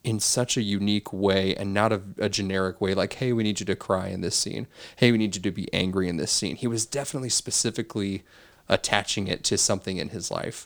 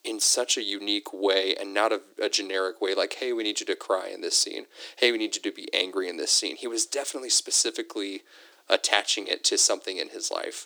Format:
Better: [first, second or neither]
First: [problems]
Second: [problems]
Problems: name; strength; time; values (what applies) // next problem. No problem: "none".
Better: first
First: none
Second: thin; very; fading below 300 Hz